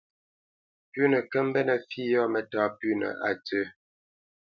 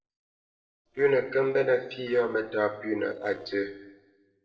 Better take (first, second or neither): first